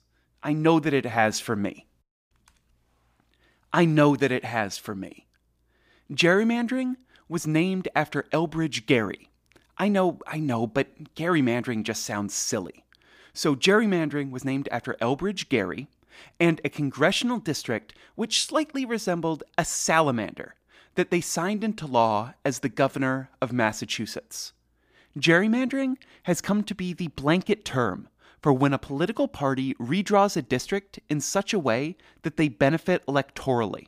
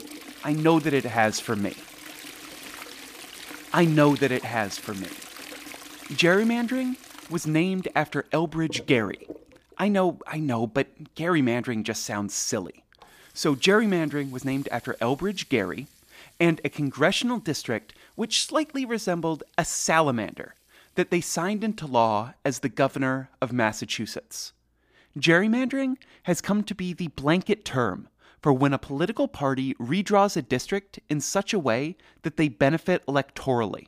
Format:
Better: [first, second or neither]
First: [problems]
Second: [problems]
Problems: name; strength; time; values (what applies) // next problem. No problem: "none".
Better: first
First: none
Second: household noises; noticeable; throughout; 15 dB below the speech